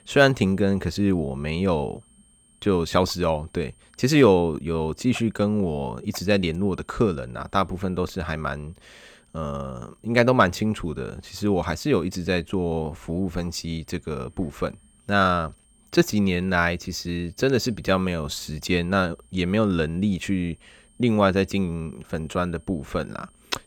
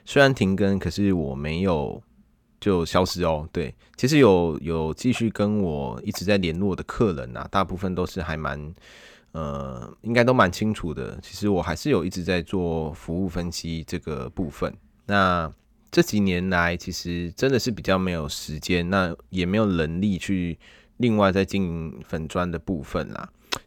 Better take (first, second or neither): second